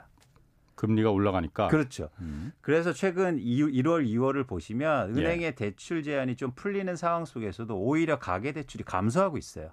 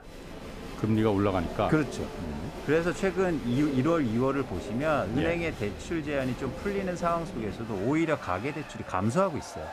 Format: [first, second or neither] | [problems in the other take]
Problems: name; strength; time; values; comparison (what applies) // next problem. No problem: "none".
first | crowd noise; noticeable; throughout; 10 dB below the speech